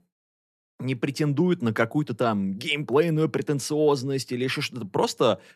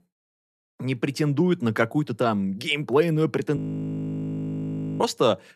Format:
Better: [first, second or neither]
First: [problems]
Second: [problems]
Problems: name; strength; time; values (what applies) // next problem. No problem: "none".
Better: first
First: none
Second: audio freezing; at 3.5 s for 1.5 s